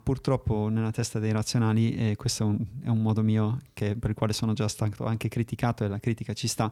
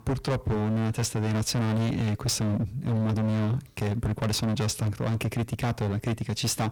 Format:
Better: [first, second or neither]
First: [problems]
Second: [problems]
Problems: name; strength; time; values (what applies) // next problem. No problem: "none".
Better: first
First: none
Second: distortion; heavy; 31% of the sound clipped